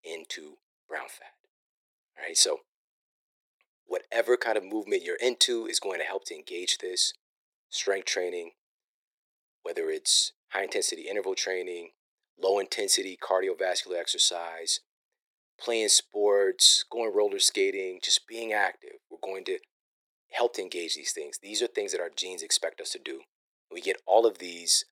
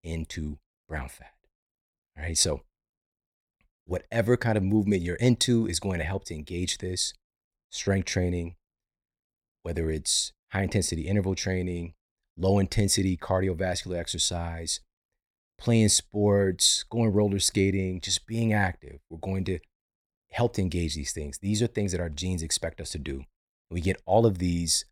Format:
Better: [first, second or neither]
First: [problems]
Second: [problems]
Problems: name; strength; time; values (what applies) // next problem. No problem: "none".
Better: second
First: thin; very; fading below 350 Hz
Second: none